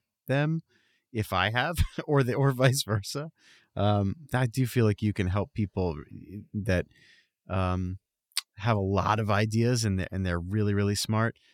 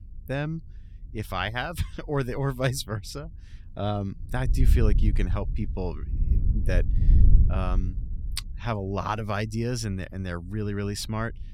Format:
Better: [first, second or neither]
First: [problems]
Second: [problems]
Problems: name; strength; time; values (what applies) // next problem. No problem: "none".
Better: first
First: none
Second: wind noise on the microphone; occasional gusts; 10 dB below the speech